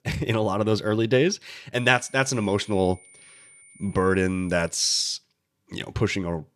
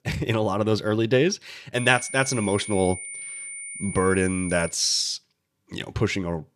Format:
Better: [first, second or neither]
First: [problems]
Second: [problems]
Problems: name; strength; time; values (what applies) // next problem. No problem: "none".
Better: first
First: high-pitched whine; faint; from 2 to 4.5 s; 9 kHz, 25 dB below the speech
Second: high-pitched whine; loud; from 2 to 4.5 s; 9 kHz, 10 dB below the speech